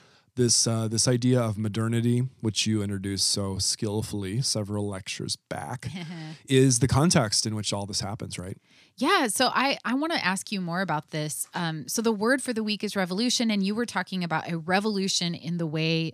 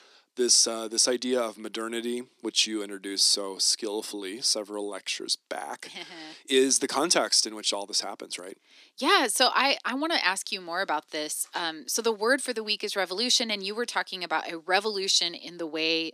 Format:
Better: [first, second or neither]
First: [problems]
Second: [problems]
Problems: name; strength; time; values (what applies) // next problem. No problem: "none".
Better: first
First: none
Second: thin; somewhat; fading below 300 Hz